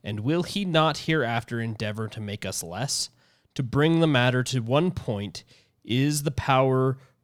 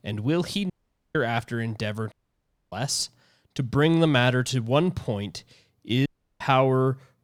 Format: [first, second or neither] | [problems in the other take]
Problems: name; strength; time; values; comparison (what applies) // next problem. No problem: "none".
first | audio cutting out; at 0.5 s, at 2 s for 0.5 s and at 6 s